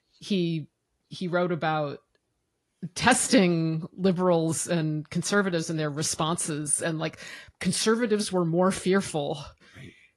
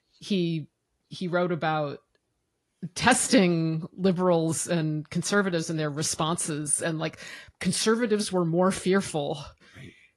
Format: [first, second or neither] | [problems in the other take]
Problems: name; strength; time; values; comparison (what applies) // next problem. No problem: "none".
neither | garbled, watery; slightly; the same in both